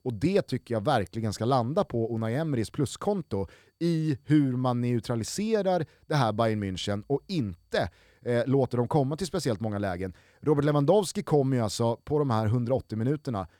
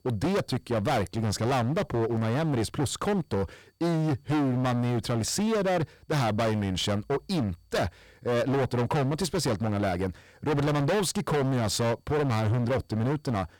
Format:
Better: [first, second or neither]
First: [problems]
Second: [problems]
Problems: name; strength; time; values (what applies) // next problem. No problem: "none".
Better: first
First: none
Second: distortion; heavy; 29% of the sound clipped